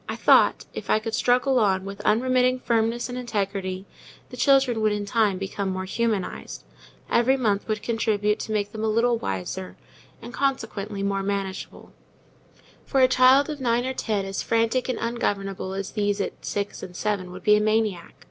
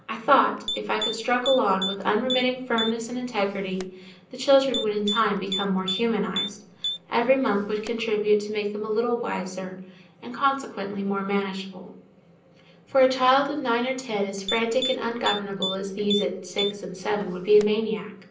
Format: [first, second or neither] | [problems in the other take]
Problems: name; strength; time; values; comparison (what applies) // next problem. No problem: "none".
first | background sound (Typing); 9 dB below the speech // room echo; dies away in 0.6 s